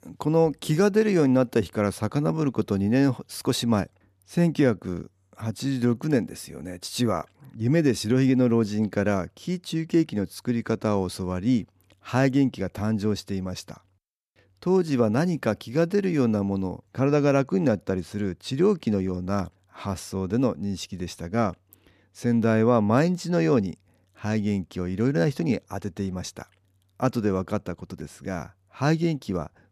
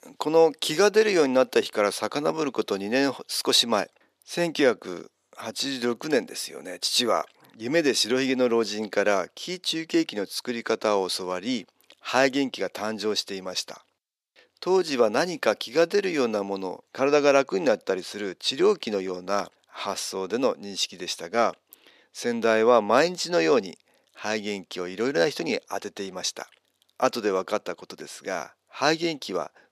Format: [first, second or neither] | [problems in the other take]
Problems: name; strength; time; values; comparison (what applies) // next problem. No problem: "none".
first | thin; somewhat; fading below 500 Hz